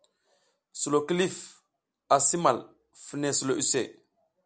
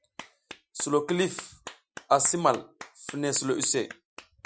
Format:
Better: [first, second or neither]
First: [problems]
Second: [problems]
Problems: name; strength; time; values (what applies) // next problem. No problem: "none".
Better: first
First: none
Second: noise reduction (classical method Wiener filter)